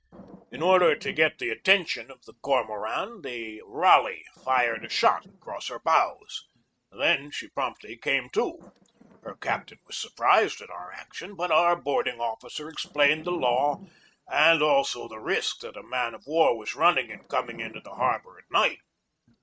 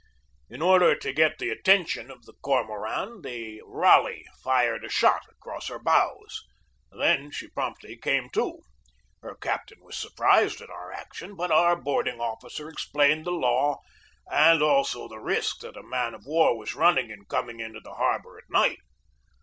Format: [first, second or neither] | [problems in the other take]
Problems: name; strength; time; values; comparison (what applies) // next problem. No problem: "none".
second | noise reduction (neural mask model RNNoise)